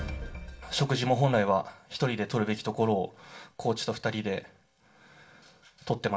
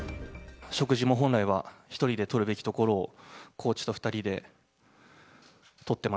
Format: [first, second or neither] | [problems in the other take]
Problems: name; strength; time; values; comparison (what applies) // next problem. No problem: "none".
second | room echo; dies away in 0.2 s